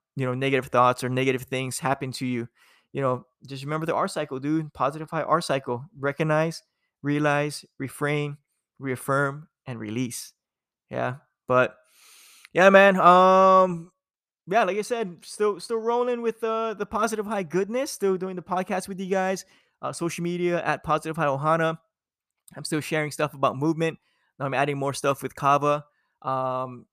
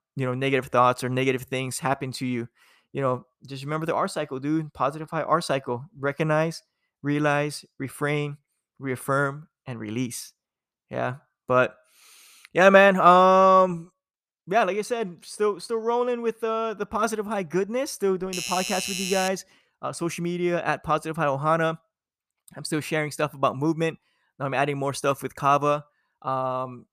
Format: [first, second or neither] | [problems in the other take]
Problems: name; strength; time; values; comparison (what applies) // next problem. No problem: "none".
first | doorbell; noticeable; from 18 to 19 s; peak 4 dB below the speech